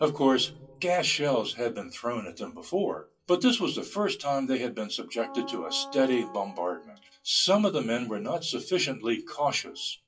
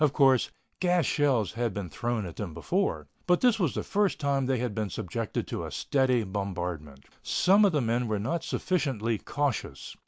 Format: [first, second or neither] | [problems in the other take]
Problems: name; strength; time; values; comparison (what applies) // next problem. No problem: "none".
second | noise reduction (classical method WPE with log-MMSE)